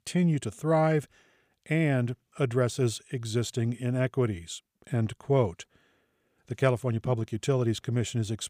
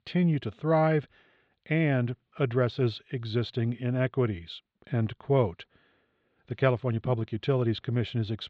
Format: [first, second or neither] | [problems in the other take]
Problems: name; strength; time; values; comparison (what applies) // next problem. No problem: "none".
first | muffled; slightly; fading above 4 kHz